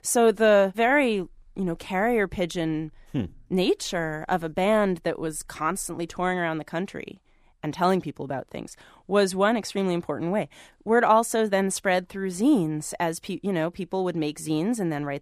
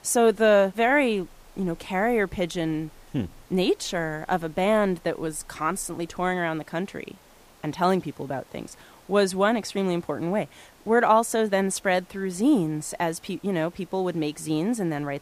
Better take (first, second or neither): first